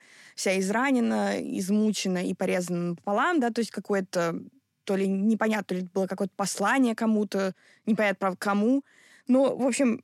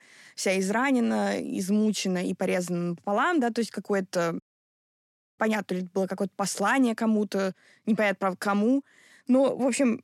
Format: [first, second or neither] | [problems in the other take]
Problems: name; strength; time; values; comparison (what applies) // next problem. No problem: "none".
first | audio cutting out; at 4.5 s for 1 s